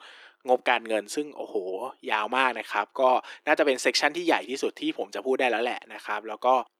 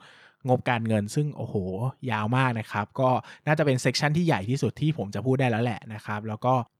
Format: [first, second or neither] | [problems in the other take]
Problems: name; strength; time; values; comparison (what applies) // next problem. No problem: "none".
second | thin; very; fading below 300 Hz